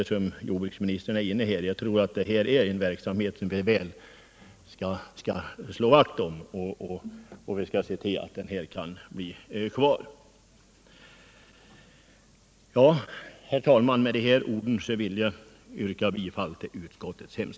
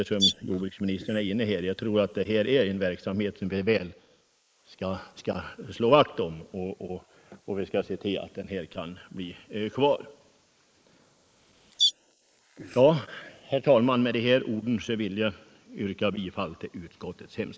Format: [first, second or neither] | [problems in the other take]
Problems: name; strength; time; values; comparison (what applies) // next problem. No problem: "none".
first | noise reduction (neural mask model Resemble Enhance denoiser)